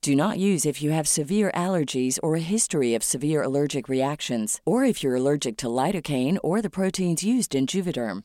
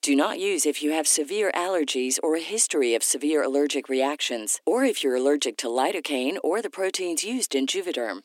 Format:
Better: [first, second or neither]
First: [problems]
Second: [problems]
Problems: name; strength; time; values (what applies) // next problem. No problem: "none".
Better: first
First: none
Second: thin; very slightly; fading below 300 Hz